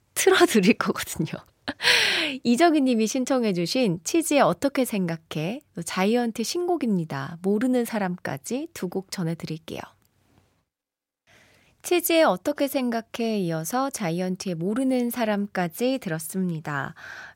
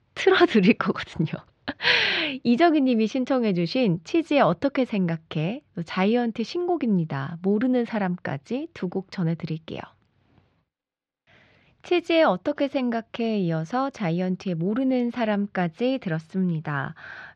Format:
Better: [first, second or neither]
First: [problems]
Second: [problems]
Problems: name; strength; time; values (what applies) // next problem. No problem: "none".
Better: first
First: none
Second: muffled; very slightly; fading above 4 kHz